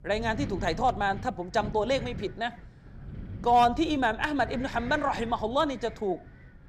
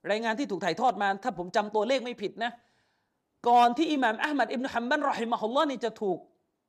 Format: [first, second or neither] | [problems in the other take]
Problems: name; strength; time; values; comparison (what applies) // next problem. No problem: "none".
second | wind noise on the microphone; occasional gusts; 20 dB below the speech